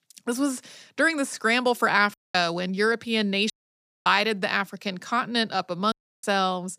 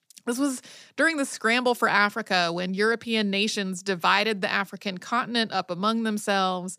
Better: second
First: audio cutting out; at 2 s, at 3.5 s for 0.5 s and at 6 s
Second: none

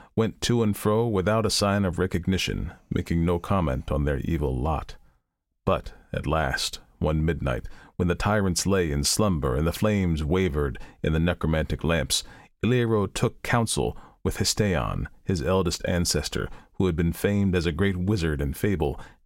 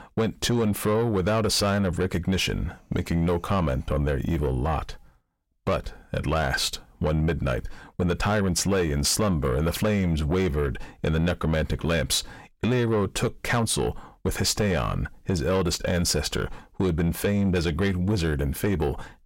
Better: first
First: none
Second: distortion; slight; 10 dB below the speech

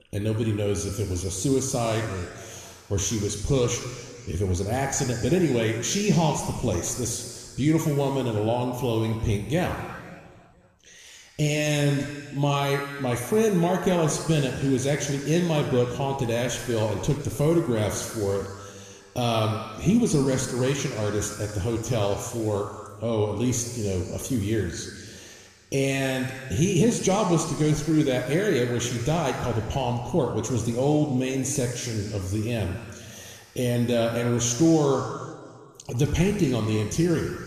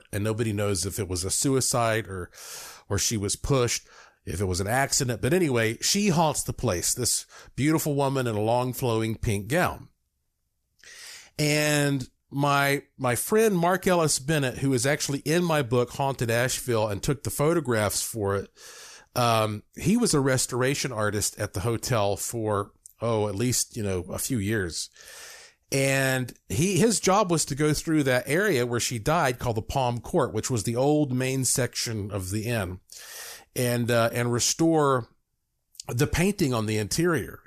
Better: second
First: room echo; noticeable; dies away in 1.9 s // off-mic speech; somewhat distant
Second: none

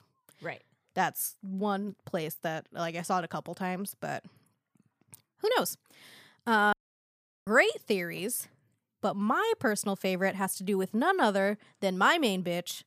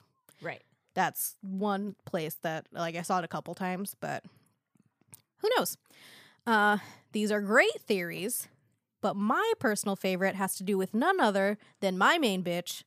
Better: second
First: audio cutting out; at 6.5 s for 0.5 s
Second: none

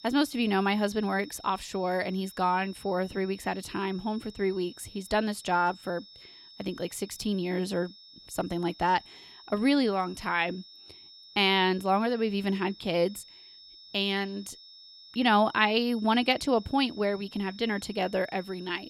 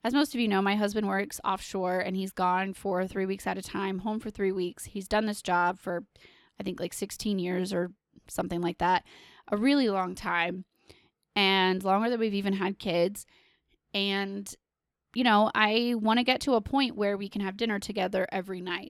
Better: second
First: high-pitched whine; faint; throughout; 5.5 kHz, 20 dB below the speech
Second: none

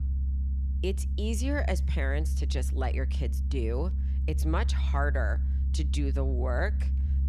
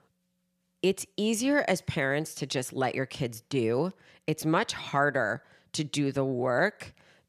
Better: second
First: low rumble; noticeable; throughout; 10 dB below the speech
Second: none

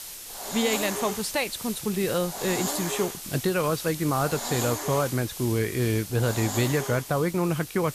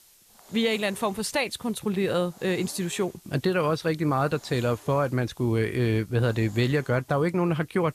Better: second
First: hiss; loud; throughout; 6 dB below the speech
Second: hiss; faint; throughout; 25 dB below the speech

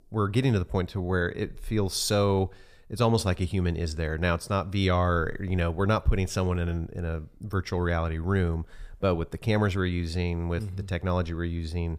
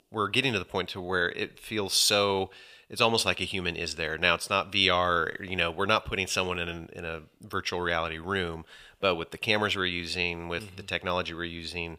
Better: first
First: none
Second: thin; somewhat; fading below 700 Hz

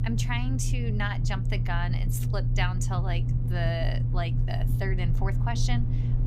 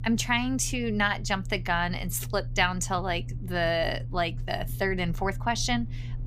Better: second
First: low rumble; loud; throughout; 7 dB below the speech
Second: low rumble; faint; throughout; 25 dB below the speech

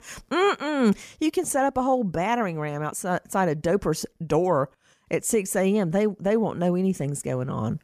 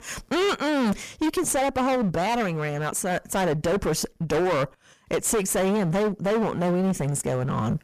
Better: first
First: none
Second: distortion; heavy; 25% of the sound clipped

